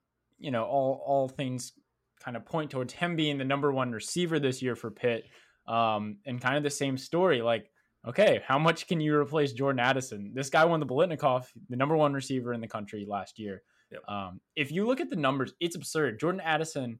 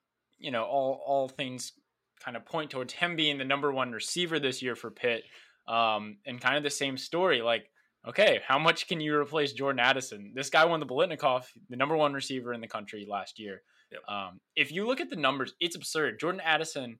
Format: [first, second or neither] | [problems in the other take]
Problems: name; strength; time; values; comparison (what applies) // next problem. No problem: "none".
first | thin; very slightly; fading below 350 Hz